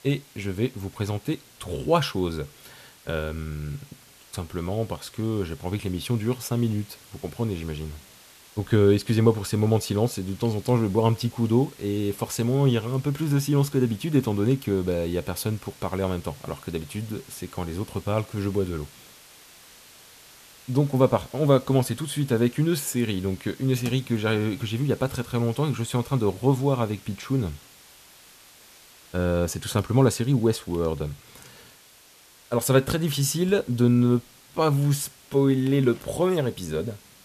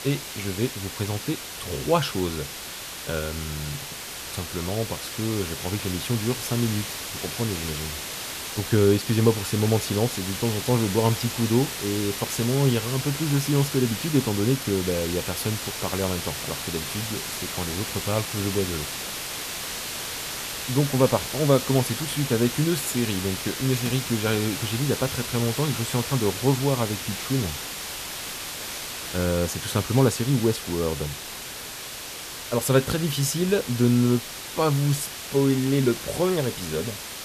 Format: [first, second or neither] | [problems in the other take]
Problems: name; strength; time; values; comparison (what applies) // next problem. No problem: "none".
first | hiss; loud; throughout; 6 dB below the speech; faint in the first